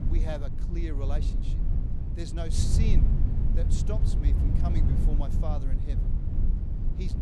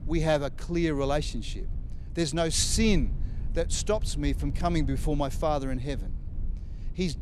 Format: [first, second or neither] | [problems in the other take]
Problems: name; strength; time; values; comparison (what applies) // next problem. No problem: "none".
second | low rumble; loud; throughout; 2 dB below the speech; faint in the second